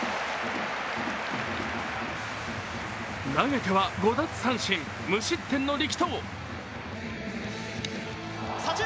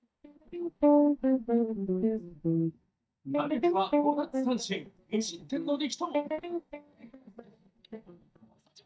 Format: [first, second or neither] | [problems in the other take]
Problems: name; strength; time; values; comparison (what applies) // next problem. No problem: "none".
first | noise reduction (neural mask model DeepFilterNet 3)